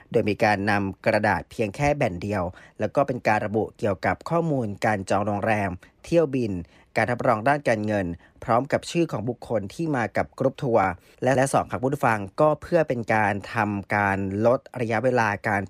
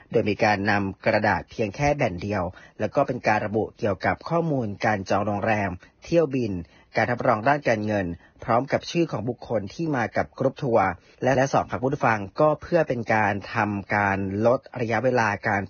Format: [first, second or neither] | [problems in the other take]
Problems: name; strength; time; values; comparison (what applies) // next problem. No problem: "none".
first | garbled, watery; badly; nothing above 6.5 kHz